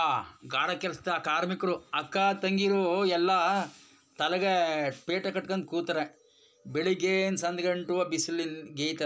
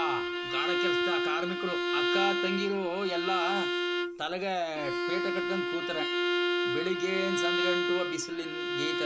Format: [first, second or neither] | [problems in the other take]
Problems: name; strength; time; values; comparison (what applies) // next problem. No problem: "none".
first | background sound (Bowed string instrument); 4 dB above the speech